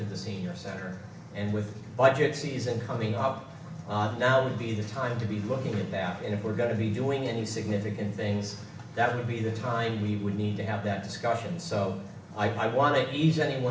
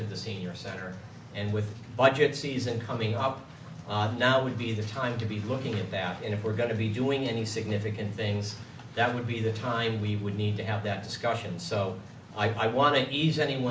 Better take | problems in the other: second | room echo; dies away in 1.2 s

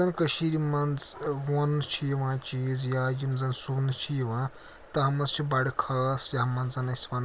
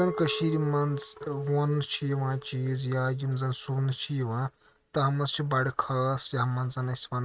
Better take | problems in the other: first | noise reduction (neural mask model RNNoise)

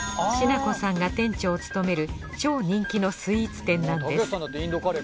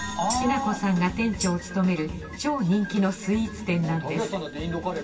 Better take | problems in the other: first | background sound (Tambourine); 14 dB below the speech // room echo; dies away in 2.2 s

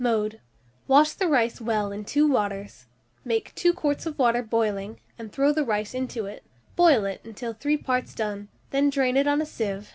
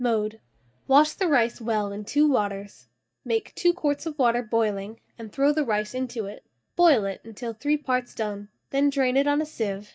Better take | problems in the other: first | noise reduction (neural mask model DeepFilterNet 3)

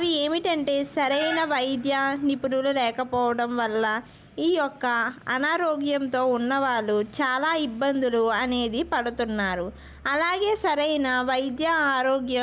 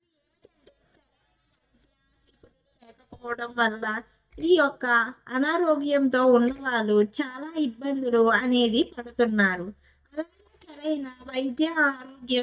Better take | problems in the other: first | noise reduction (neural mask model DeepFilterNet 3)

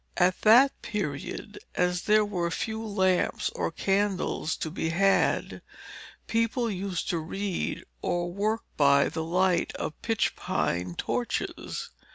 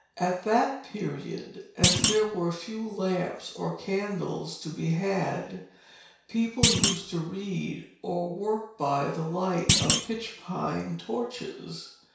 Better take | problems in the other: first | background sound (Thump, thud); 2 dB above the speech // room echo; dies away in 0.6 s

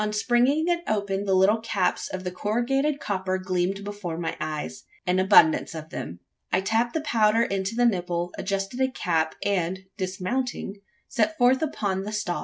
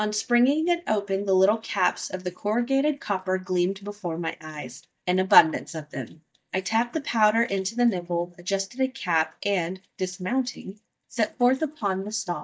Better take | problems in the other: first | noise reduction (neural mask model DeepFilterNet 3)

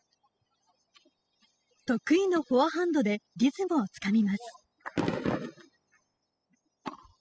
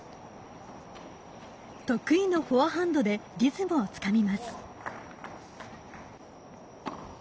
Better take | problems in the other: second | noise reduction (classical method spectral subtraction)

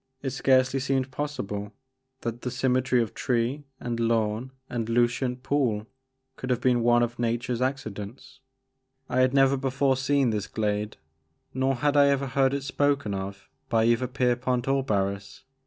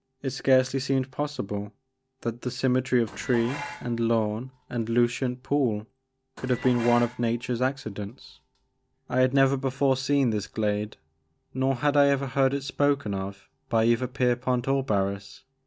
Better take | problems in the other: first | background sound (Dishes, pots, and pans); 16 dB below the speech

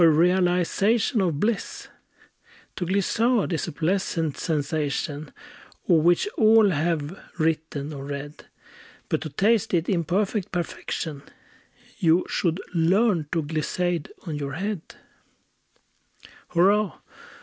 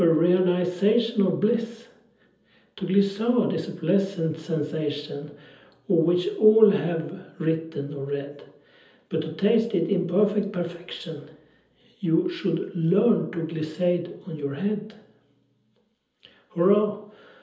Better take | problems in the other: first | room echo; dies away in 0.7 s

